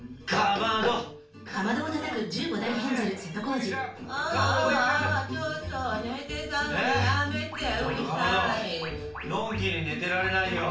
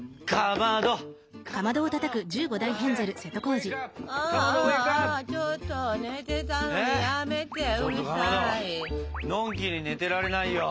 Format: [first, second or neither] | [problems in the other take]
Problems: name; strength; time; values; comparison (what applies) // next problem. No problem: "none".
second | room echo; dies away in 0.4 s